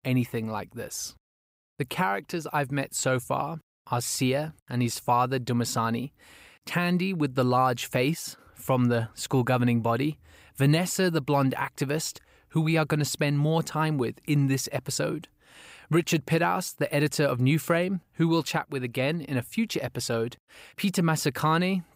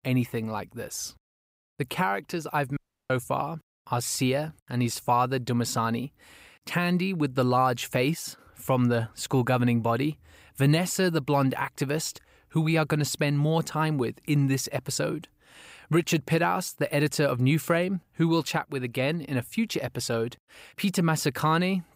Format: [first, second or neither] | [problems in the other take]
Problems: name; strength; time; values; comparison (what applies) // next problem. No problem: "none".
first | audio cutting out; at 3 s